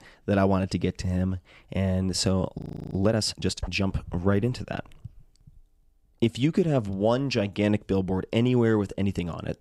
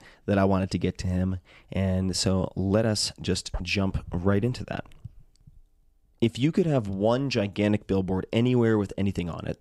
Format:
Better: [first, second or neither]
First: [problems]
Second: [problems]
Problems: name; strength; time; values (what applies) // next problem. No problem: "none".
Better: second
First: audio freezing; at 2.5 s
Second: none